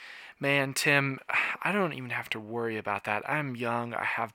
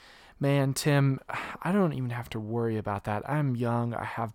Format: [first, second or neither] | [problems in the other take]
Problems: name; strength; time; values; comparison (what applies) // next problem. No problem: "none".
second | thin; somewhat; fading below 800 Hz